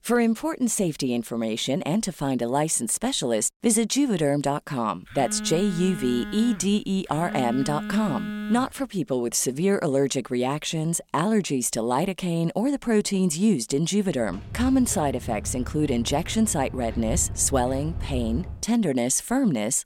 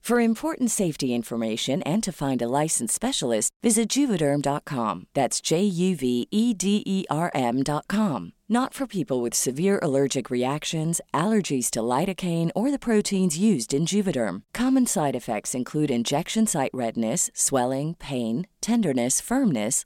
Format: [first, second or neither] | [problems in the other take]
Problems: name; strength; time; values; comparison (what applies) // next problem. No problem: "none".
second | phone ringing; noticeable; from 5 to 8.5 s; peak 7 dB below the speech // footsteps; noticeable; from 14 to 19 s; peak 8 dB below the speech